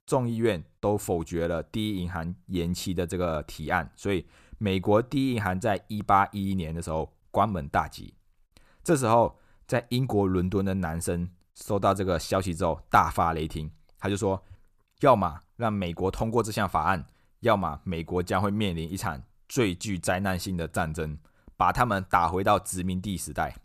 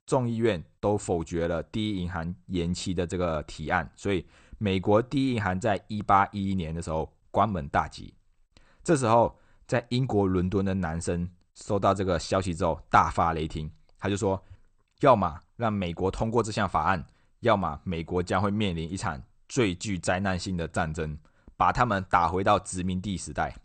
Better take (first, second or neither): first